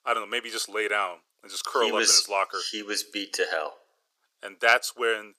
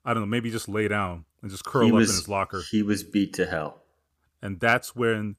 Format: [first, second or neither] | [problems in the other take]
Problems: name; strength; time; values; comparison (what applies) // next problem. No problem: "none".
second | thin; very; fading below 450 Hz